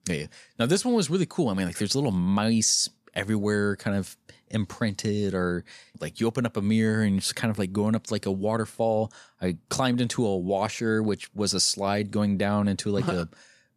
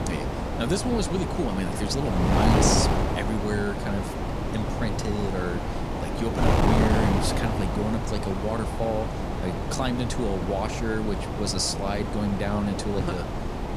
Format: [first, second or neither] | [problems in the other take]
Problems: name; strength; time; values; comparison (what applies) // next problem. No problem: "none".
first | wind noise on the microphone; heavy; 1 dB above the speech